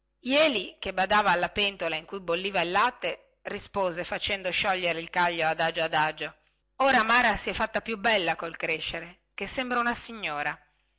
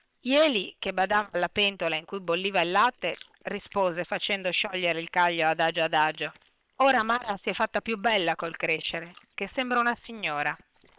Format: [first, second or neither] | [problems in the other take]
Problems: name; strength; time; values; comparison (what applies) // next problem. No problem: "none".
first | noise reduction (neural separator model SepFormer WHAM!)